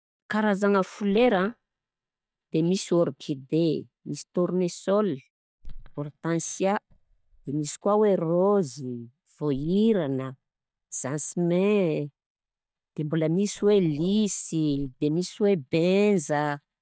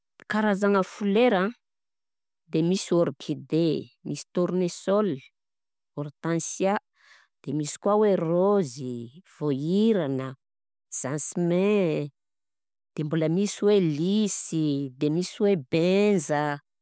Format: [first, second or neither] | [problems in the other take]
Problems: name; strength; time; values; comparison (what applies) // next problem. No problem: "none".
second | noise reduction (neural mask model DeepFilterNet 3)